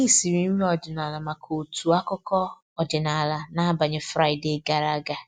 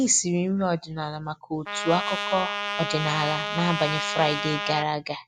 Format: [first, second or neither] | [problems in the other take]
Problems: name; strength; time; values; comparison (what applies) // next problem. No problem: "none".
first | background sound (Trumpet); 4 dB below the speech